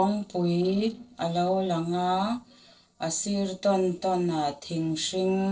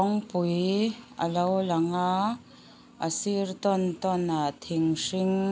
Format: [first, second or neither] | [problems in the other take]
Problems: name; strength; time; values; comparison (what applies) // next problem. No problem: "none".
second | noise reduction (neural separator model SepFormer DNS4)